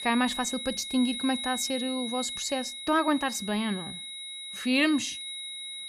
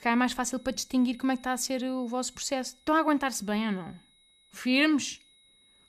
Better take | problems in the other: second | high-pitched whine; loud; throughout; 4 kHz, 6 dB below the speech; faint in the second

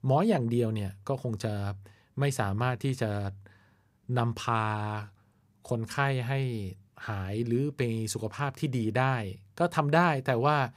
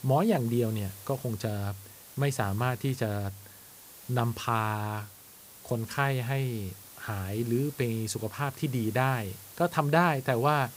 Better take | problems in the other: first | hiss; noticeable; throughout; 15 dB below the speech

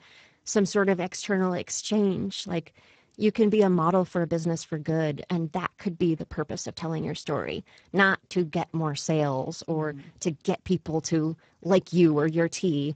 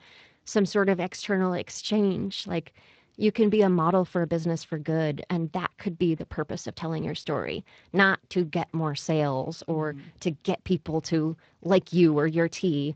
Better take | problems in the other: second | garbled, watery; badly; nothing above 7.5 kHz; slightly in the second

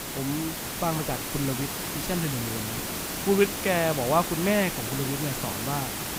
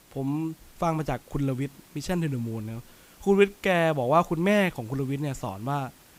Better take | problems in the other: second | hiss; loud; throughout; 2 dB below the speech; faint in the second

